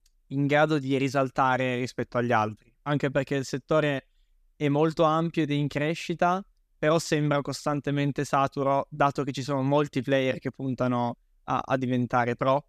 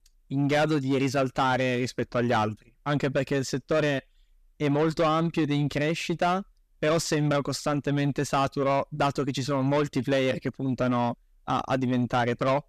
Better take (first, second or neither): first